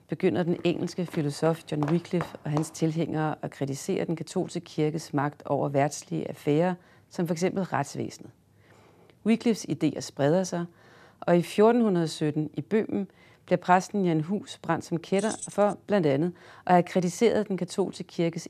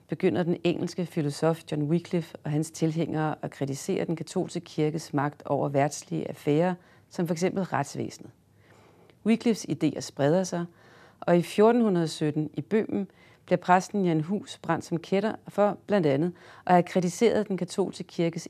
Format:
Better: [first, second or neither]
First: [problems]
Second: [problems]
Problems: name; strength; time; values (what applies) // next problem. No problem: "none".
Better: second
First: footsteps; faint; from 0.5 to 2.5 s; peak 10 dB below the speech // jangling keys; noticeable; at 15 s; peak 10 dB below the speech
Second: none